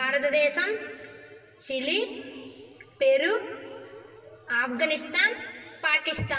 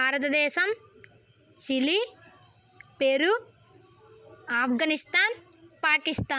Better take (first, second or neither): second